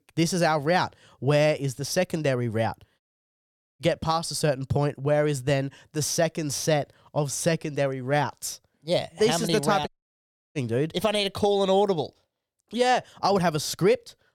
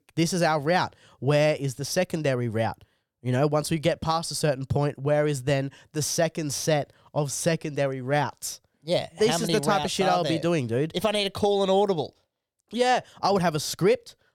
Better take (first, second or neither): second